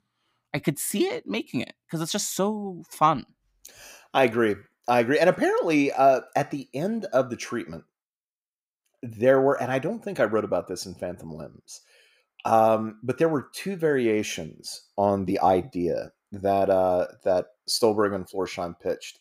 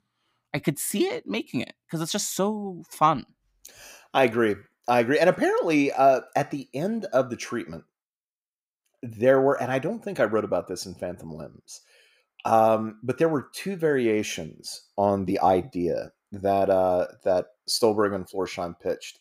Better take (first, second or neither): neither